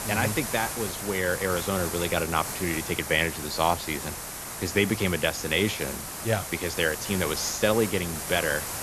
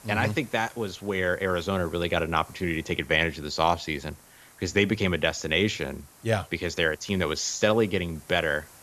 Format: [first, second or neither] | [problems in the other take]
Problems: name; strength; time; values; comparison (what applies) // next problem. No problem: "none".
second | hiss; loud; throughout; 6 dB below the speech; faint in the second